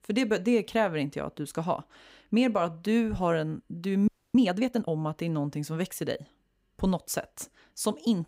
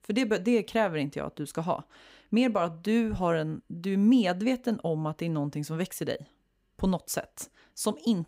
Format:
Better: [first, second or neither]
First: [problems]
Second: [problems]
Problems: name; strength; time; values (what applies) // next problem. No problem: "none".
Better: second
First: audio freezing; at 4 s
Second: none